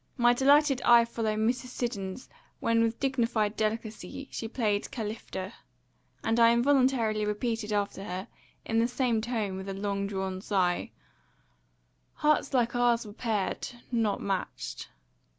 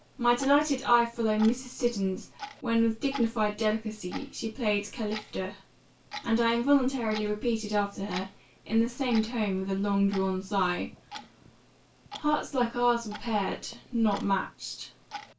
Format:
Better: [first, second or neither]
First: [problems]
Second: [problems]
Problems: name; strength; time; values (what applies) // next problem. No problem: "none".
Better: first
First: none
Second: background sound (Clock); 18 dB below the speech // room echo; dies away in 0.2 s